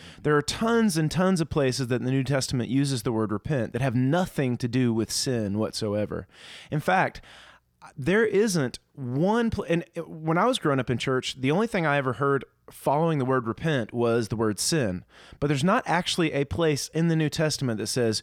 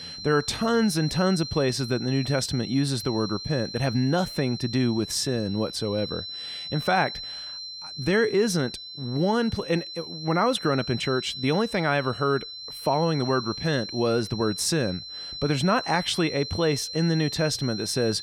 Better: first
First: none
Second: high-pitched whine; loud; throughout; 4 kHz, 9 dB below the speech

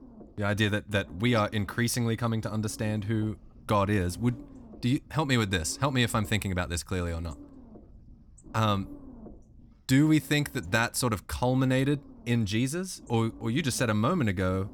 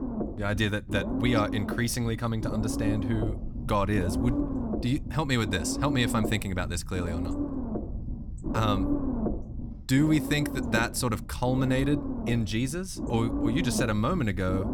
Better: first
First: low rumble; faint; throughout; 25 dB below the speech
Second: low rumble; loud; throughout; 6 dB below the speech

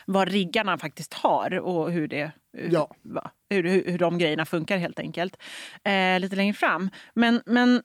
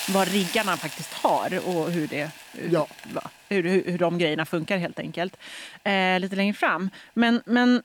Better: first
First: none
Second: hiss; noticeable; throughout; 10 dB below the speech

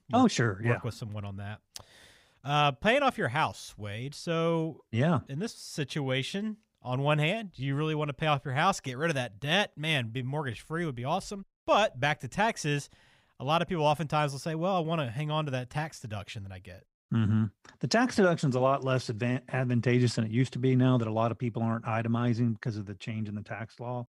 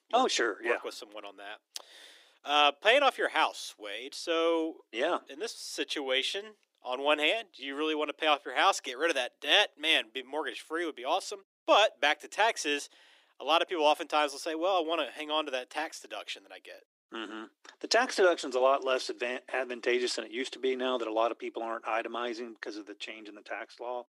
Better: first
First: none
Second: thin; very; fading below 300 Hz

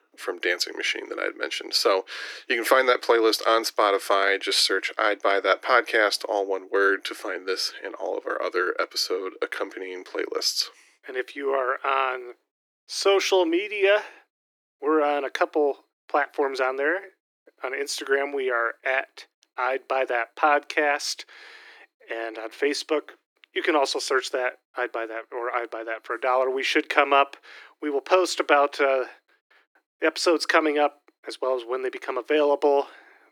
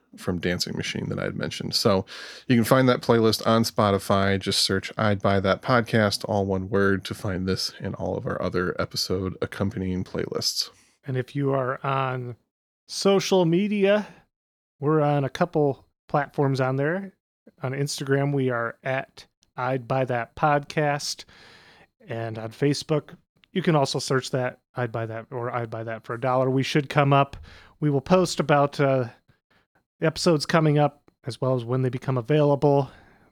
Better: second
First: thin; very; fading below 300 Hz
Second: none

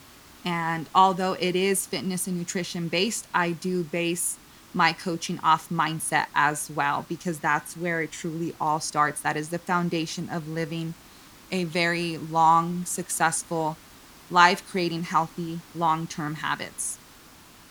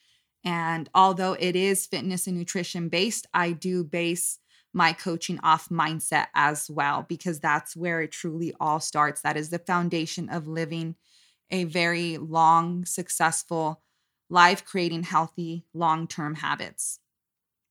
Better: second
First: hiss; faint; throughout; 25 dB below the speech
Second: none

